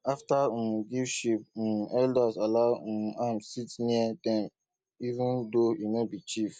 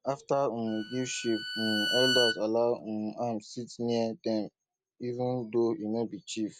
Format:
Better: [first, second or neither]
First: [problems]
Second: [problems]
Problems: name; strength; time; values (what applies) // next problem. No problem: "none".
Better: first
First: none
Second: background sound (Bowed string instrument); 3 dB below the speech